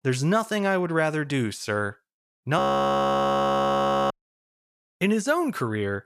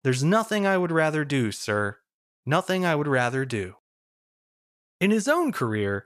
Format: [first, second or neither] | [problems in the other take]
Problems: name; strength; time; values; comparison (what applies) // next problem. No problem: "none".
second | audio freezing; at 2.5 s for 1.5 s